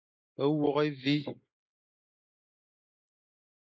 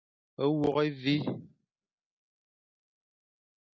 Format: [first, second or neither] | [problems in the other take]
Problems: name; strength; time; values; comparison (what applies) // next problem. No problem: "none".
second | noise reduction (neural mask model Resemble Enhance denoiser)